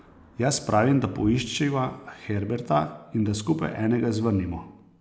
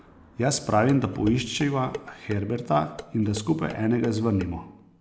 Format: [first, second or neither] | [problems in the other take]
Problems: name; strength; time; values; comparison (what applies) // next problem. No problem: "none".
first | background sound (Dishes, pots, and pans); 17 dB below the speech